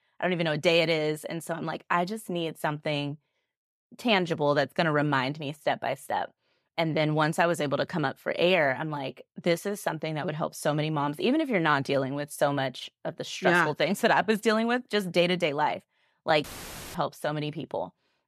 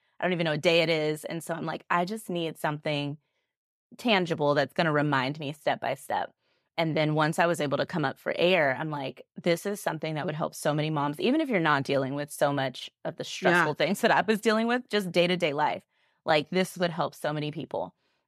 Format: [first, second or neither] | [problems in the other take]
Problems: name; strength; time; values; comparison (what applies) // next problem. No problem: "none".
second | audio cutting out; filled with static; at 16 s for 0.5 s